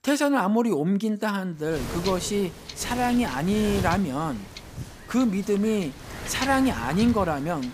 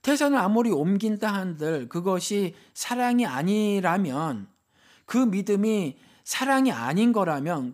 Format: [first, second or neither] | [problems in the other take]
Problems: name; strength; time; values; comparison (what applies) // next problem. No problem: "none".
second | wind noise on the microphone; occasional gusts; from 1.5 s on; 10 dB below the speech